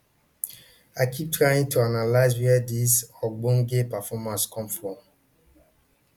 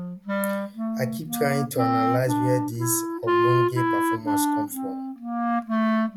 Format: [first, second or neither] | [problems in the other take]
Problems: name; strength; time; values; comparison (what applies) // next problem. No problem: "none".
first | background sound (Wind instrument, woodwind instrument); 5 dB above the speech